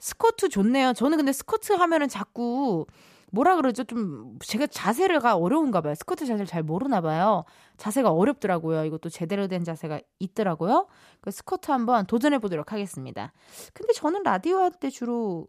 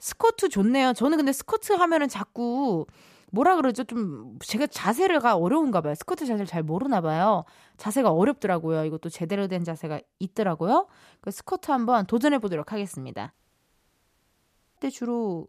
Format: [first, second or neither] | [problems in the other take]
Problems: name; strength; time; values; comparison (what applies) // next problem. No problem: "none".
first | audio cutting out; at 13 s for 1.5 s